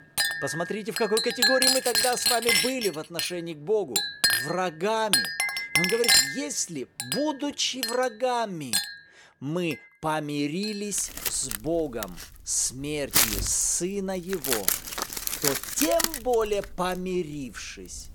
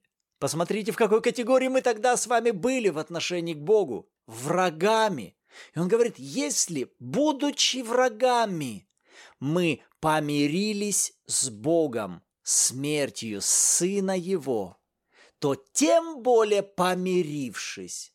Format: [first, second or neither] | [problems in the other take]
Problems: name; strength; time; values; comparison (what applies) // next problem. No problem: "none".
second | household noises; very loud; throughout; 4 dB above the speech